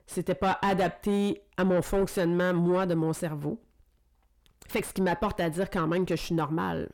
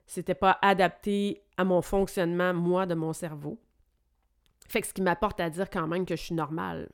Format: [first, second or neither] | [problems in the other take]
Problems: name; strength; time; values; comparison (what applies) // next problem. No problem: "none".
second | distortion; heavy; 7 dB below the speech